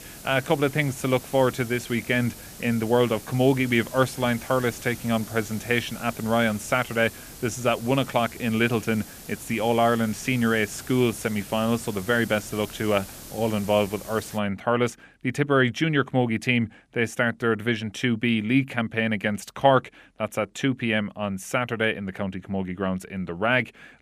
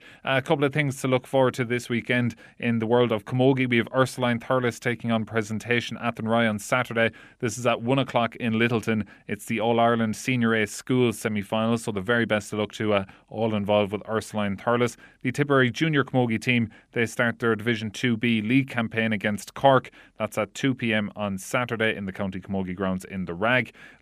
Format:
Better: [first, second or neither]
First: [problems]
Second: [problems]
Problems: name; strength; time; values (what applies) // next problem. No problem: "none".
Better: second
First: hiss; noticeable; until 14 s; 15 dB below the speech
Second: none